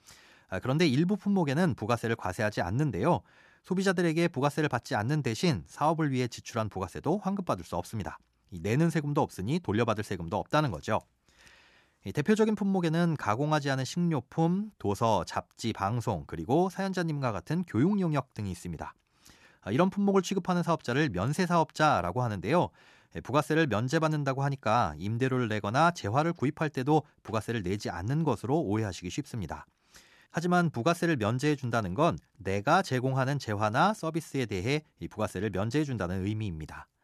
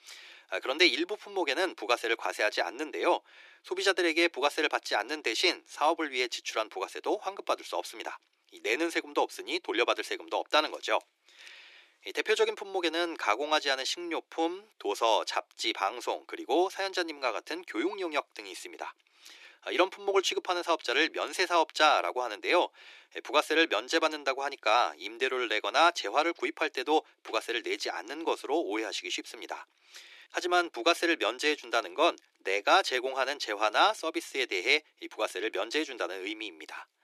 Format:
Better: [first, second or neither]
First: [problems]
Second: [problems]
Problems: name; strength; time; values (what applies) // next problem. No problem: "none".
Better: first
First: none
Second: thin; very; fading below 350 Hz